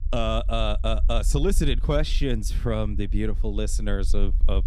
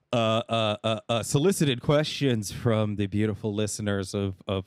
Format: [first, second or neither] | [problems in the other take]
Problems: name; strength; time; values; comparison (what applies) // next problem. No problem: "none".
second | low rumble; faint; throughout; 20 dB below the speech